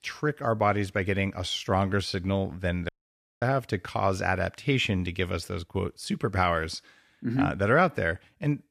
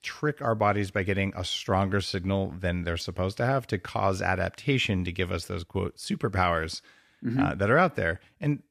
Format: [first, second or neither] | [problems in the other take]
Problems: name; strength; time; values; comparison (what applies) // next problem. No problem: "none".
second | audio cutting out; at 3 s for 0.5 s